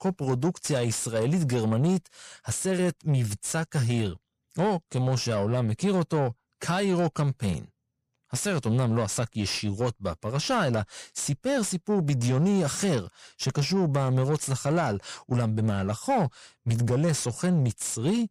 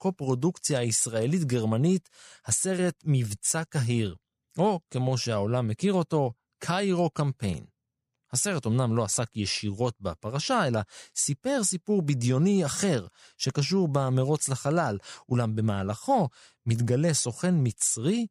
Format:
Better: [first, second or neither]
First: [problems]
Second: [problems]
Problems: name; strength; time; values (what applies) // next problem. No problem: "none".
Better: second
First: distortion; slight; 10 dB below the speech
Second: none